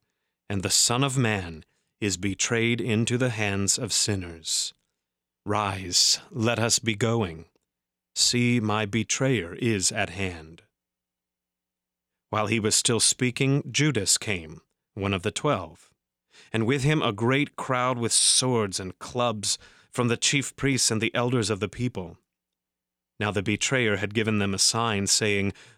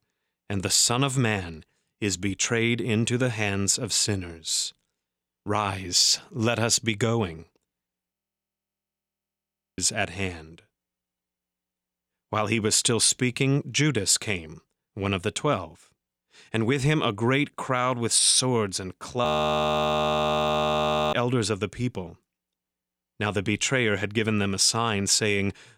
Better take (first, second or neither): first